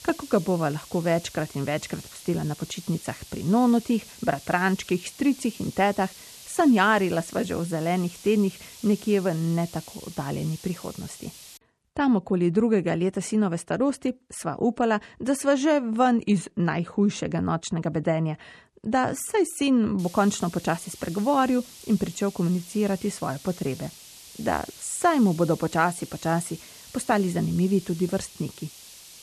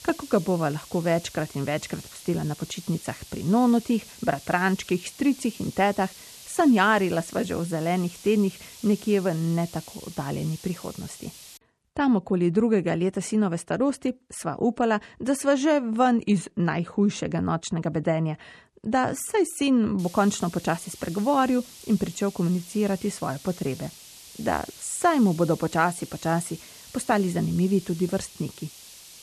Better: neither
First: hiss; noticeable; until 12 s and from 20 s on; 20 dB below the speech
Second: hiss; noticeable; until 12 s and from 20 s on; 20 dB below the speech

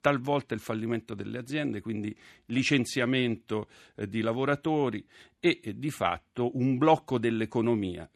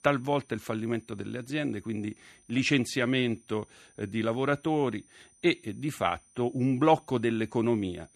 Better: first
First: none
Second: high-pitched whine; faint; throughout; 9 kHz, 30 dB below the speech

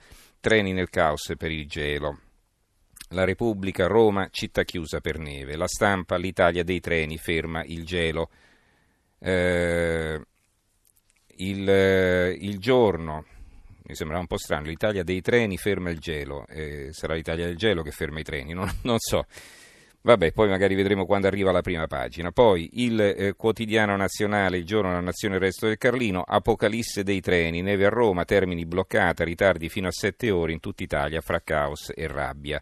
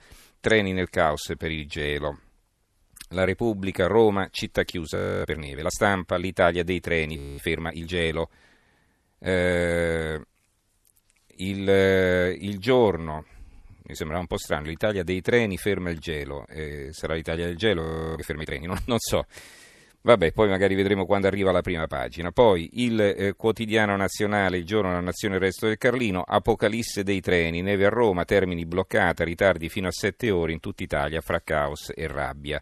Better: first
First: none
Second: audio freezing; at 5 s, at 7 s and at 18 s

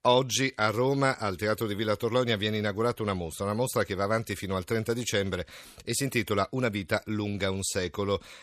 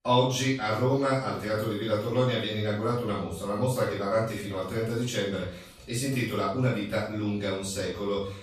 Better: first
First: none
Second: off-mic speech; far // room echo; noticeable; dies away in 0.5 s

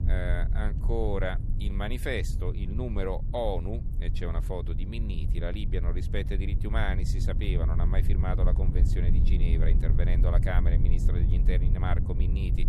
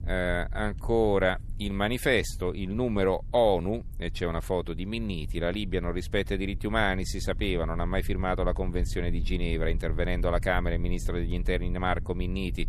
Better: second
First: low rumble; loud; throughout; 8 dB below the speech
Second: low rumble; faint; throughout; 25 dB below the speech

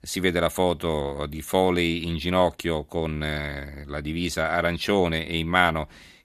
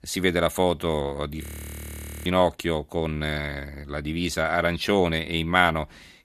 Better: first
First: none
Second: audio freezing; at 1.5 s for 1 s

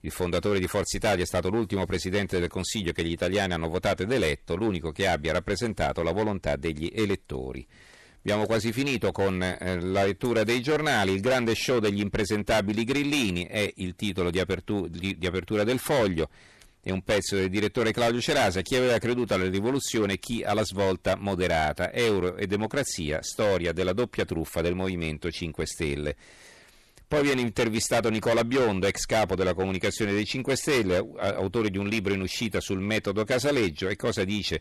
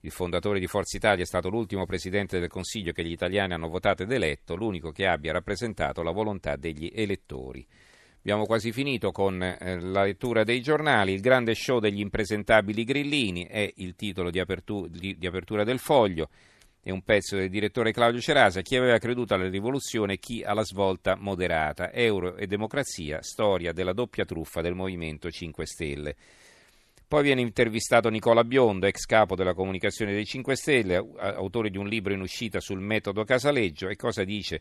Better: second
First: distortion; heavy; 12% of the sound clipped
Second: none

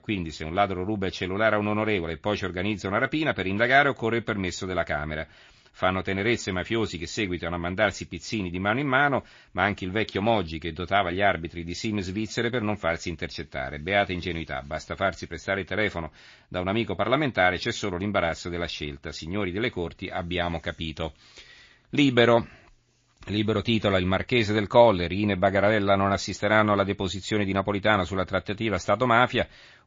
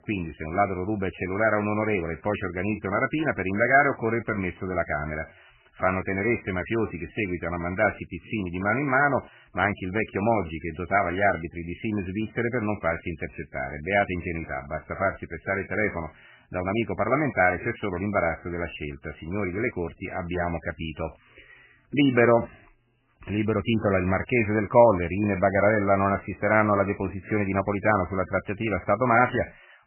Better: first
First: garbled, watery; slightly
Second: garbled, watery; badly; nothing above 3 kHz

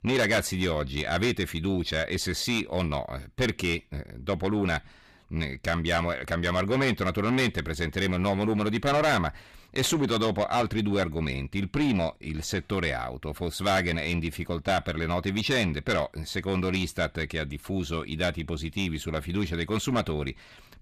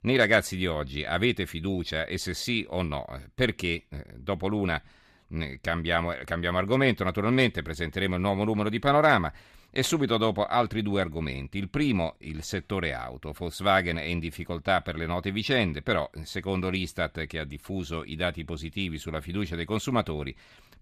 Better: second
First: distortion; heavy; 8 dB below the speech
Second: none

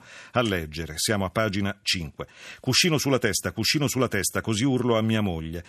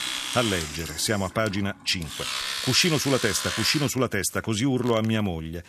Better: first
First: none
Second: household noises; loud; throughout; 5 dB below the speech

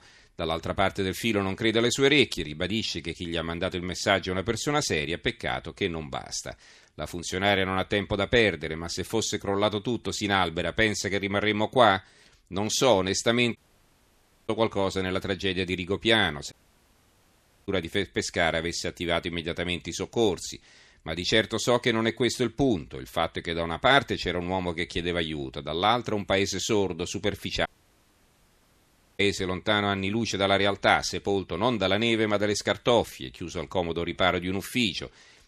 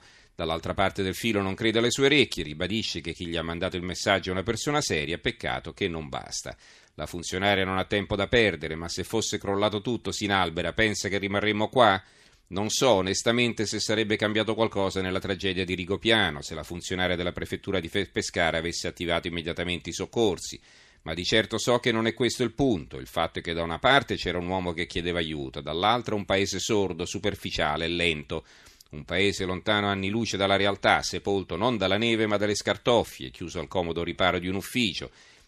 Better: second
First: audio cutting out; at 14 s for 1 s, at 17 s for 1 s and at 28 s for 1.5 s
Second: none

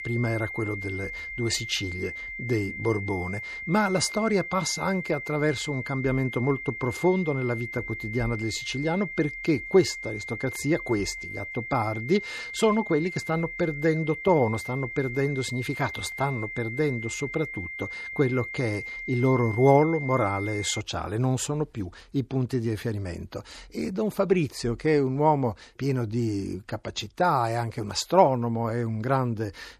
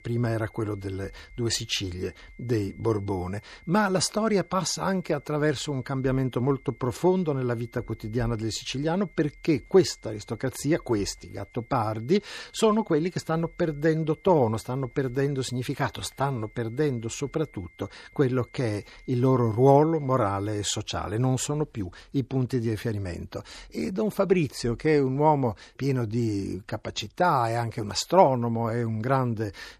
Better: second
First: high-pitched whine; loud; until 21 s; 2 kHz, 8 dB below the speech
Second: high-pitched whine; faint; until 21 s; 2 kHz, 30 dB below the speech

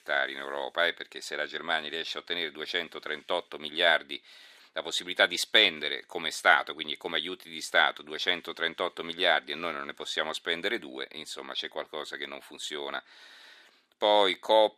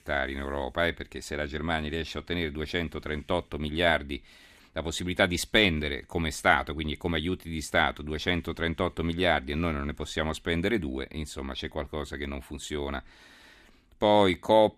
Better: second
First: thin; somewhat; fading below 500 Hz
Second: none

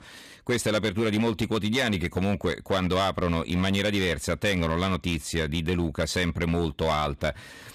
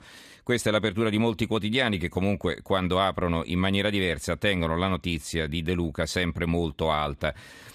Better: second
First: distortion; slight; 8% of the sound clipped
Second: none

